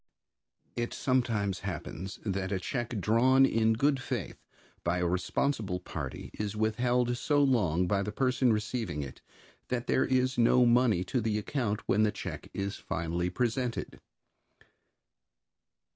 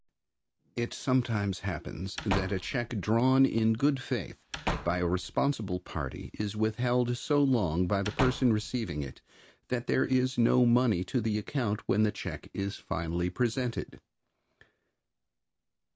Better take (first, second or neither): first